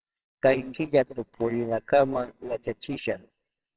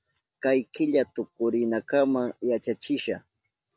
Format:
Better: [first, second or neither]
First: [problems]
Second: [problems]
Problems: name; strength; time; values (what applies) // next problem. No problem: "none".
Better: second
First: noise reduction (neural separator model SepFormer WHAMR!)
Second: none